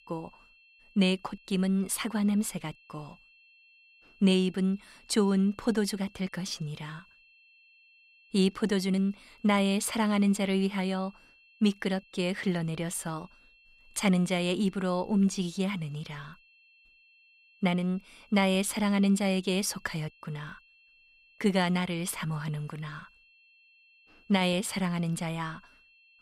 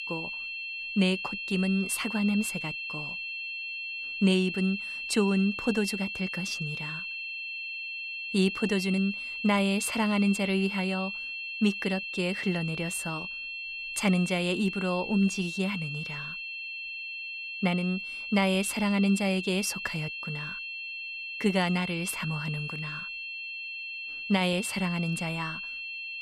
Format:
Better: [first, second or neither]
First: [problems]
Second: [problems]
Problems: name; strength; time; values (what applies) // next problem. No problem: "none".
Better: first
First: high-pitched whine; faint; throughout; 2.5 kHz, 30 dB below the speech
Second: high-pitched whine; loud; throughout; 2.5 kHz, 5 dB below the speech